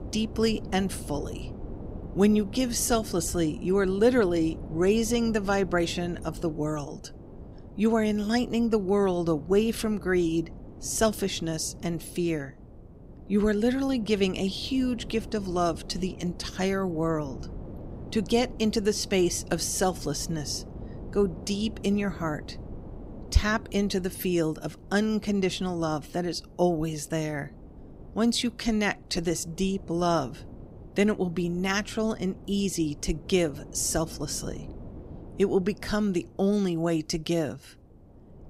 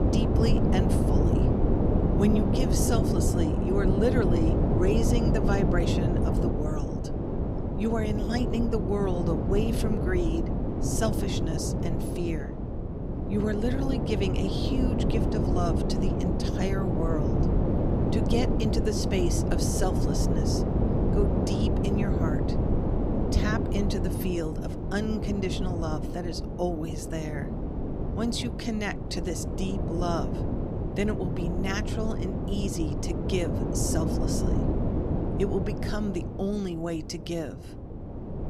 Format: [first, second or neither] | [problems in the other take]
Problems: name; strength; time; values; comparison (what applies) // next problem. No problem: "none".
first | wind noise on the microphone; heavy; as loud as the speech; occasional gusts in the first